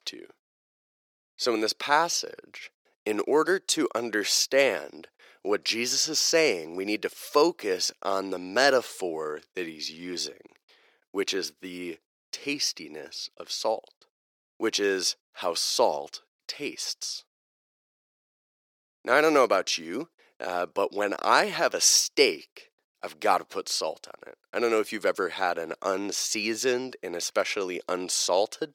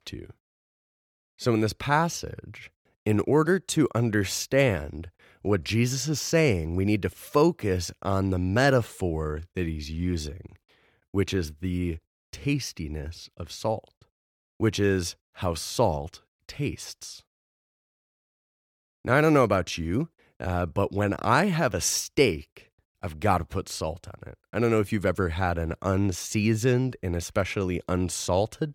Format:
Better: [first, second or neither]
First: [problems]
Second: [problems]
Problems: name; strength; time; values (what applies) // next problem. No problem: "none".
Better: second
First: thin; somewhat; fading below 350 Hz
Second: none